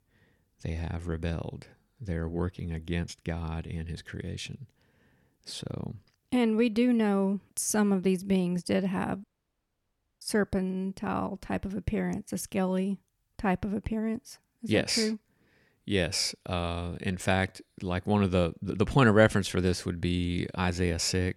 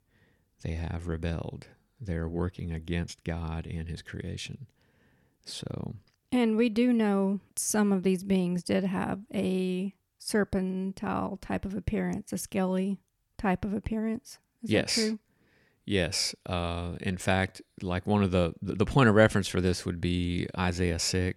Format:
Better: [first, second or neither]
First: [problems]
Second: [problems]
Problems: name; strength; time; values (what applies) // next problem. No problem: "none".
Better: second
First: audio cutting out; at 9 s for 1 s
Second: none